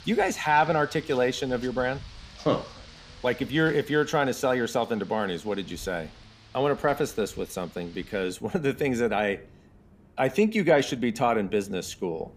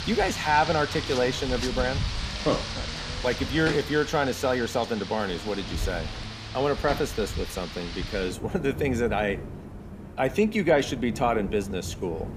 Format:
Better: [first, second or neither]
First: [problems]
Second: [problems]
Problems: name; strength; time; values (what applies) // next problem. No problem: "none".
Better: first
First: rain or running water; faint; throughout; 20 dB below the speech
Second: rain or running water; loud; throughout; 7 dB below the speech